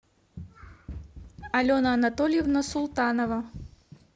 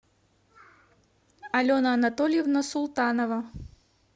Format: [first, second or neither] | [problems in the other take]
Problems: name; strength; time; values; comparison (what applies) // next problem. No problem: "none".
second | background sound (Run); 17 dB below the speech